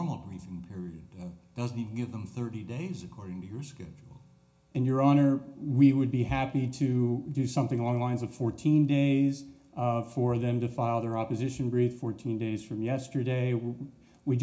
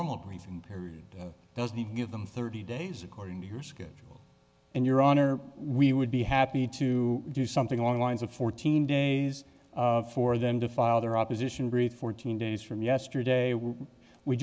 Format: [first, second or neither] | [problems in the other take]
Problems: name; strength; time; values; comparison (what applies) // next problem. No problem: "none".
second | room echo; dies away in 0.4 s